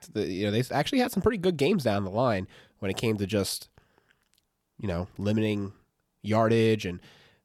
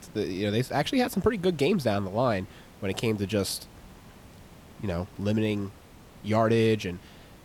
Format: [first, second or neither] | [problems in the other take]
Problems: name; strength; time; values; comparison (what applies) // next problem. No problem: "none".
first | hiss; faint; throughout; 25 dB below the speech